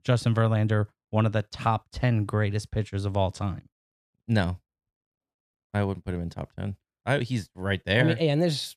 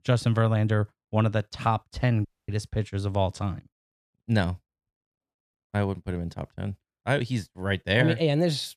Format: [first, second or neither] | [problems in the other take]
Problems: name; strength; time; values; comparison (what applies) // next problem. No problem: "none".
first | audio cutting out; at 2.5 s